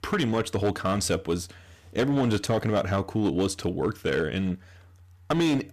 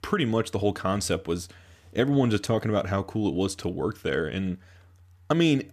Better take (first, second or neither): second